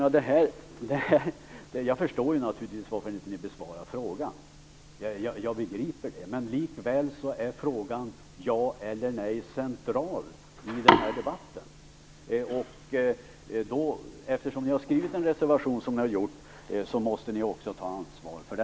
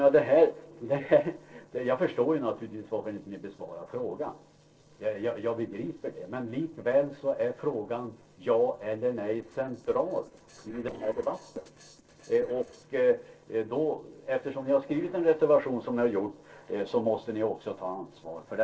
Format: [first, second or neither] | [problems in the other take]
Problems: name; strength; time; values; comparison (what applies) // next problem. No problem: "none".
first | noise reduction (neural separator model SepFormer DNS4)